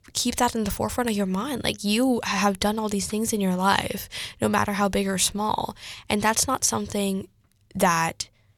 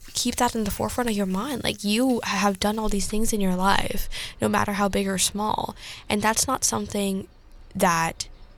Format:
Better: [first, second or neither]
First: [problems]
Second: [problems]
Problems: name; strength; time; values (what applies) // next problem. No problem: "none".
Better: first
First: none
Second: rain or running water; faint; throughout; 25 dB below the speech